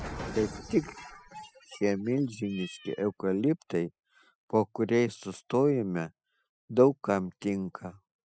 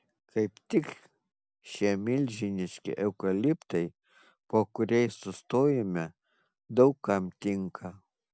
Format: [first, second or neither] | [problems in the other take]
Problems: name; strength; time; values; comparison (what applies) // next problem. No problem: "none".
second | noise reduction (classical method spectral subtraction)